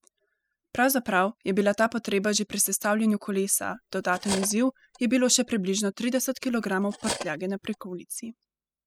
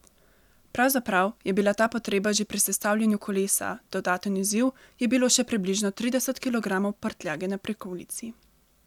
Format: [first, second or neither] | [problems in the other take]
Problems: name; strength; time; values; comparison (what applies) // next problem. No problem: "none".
second | noise reduction (classical method spectral subtraction)